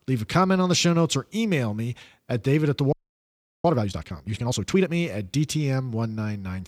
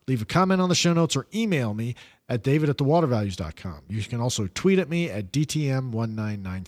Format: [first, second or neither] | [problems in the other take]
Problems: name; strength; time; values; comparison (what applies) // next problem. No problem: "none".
second | audio freezing; at 3 s for 0.5 s